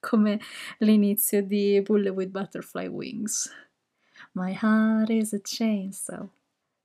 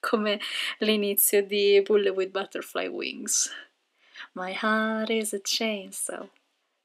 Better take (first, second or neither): first